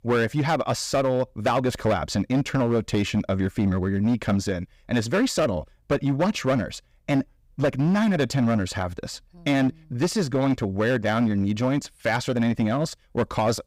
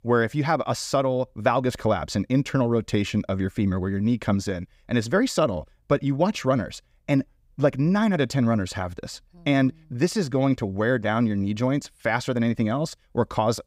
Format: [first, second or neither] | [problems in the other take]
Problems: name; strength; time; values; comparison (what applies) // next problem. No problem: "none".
second | distortion; slight; 9% of the sound clipped